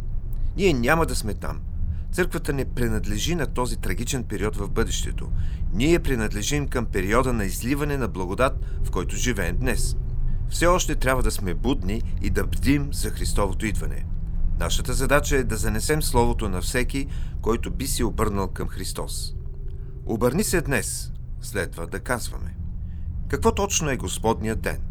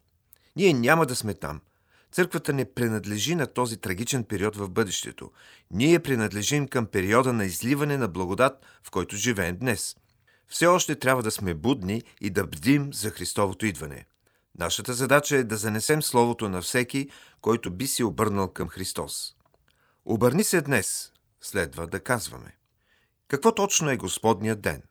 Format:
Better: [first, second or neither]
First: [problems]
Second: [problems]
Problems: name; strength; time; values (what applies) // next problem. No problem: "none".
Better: second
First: low rumble; faint; throughout; 20 dB below the speech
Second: none